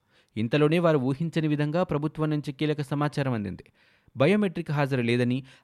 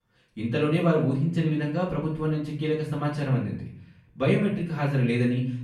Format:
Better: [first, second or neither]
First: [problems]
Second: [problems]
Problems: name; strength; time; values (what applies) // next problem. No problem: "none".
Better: first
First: none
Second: off-mic speech; far // room echo; noticeable; dies away in 0.5 s